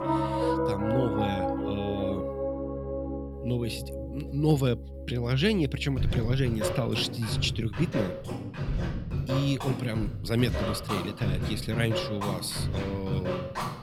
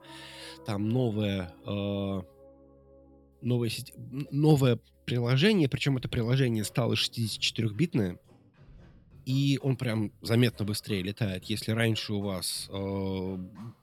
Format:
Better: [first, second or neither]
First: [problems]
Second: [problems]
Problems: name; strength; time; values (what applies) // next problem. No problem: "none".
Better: second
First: background music; loud; throughout; 2 dB below the speech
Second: background music; faint; throughout; 25 dB below the speech